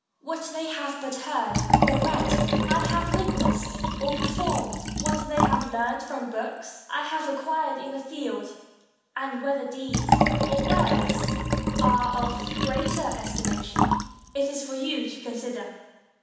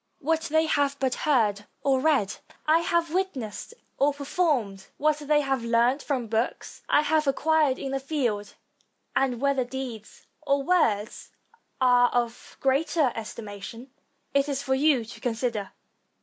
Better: second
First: background sound (Liquid); 3 dB above the speech // room echo; dies away in 1.1 s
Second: none

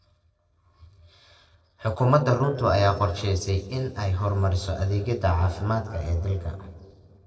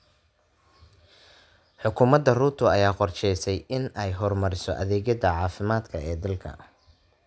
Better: second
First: noise reduction (neural separator model SepFormer DNS4)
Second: none

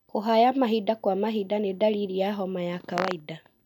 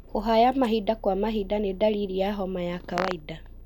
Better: first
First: none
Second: background sound (Idling / Engine starting / Door / Car); 17 dB below the speech

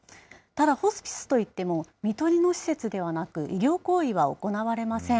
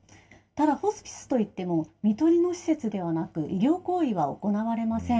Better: first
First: none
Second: room echo; dies away in 0.2 s

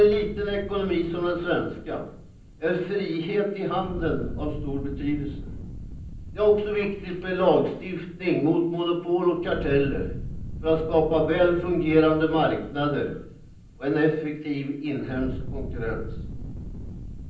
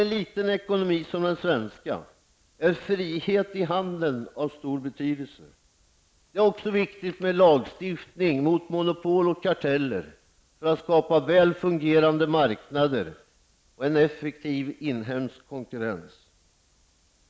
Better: second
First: background sound (Fire); 11 dB below the speech // room echo; dies away in 0.6 s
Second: none

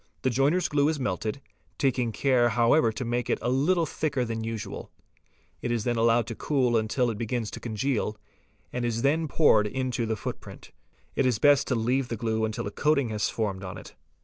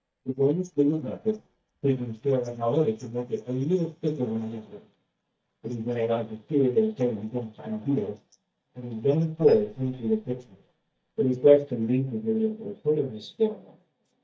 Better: first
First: none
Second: noise reduction (neural mask model DeepFilterNet 3)

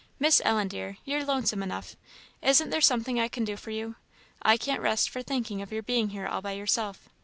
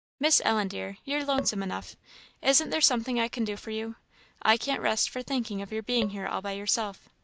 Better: first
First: none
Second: noise reduction (neural mask model DeepFilterNet 3)

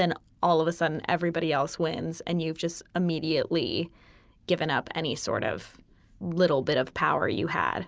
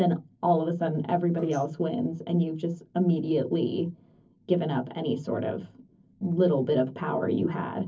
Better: first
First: none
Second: noise reduction (neural separator model SepFormer DNS4)

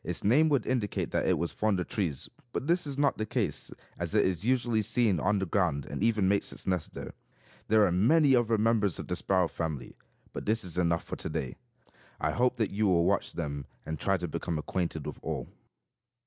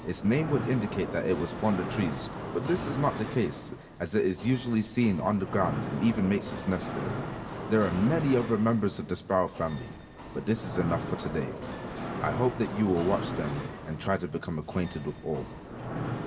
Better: first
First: none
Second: background sound (Mechanisms); 7 dB below the speech // room echo; dies away in 1.5 s

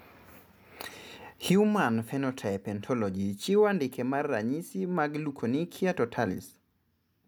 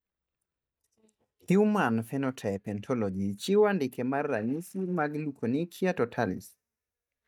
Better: first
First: none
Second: noise reduction (neural mask model DeepFilterNet 3)

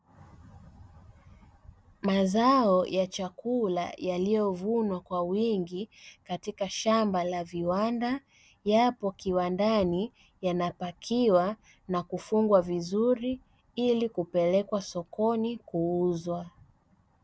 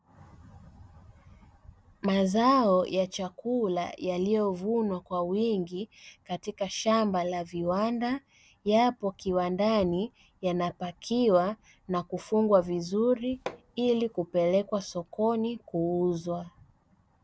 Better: first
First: none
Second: background sound (Hammer); 15 dB below the speech

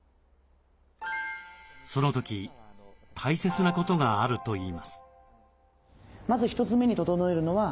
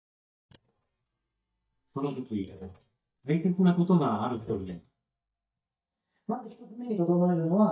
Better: first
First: none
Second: noise reduction (neural mask model DeepFilterNet 3)

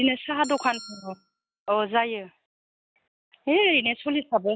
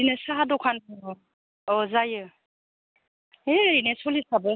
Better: second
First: noise reduction (classical method log-MMSE)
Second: none

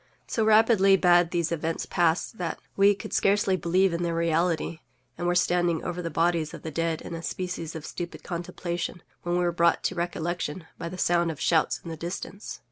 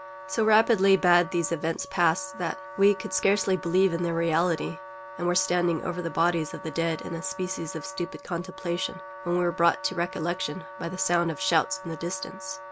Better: first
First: none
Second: background sound (Wind instrument, woodwind instrument); 14 dB below the speech

